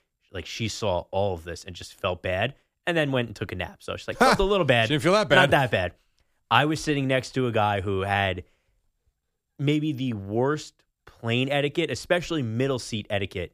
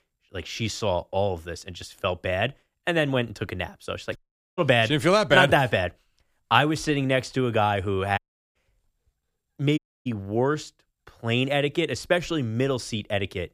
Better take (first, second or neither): first